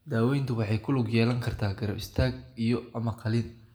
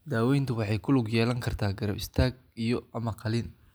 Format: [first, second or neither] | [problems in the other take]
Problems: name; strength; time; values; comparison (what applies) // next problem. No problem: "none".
second | room echo; dies away in 0.5 s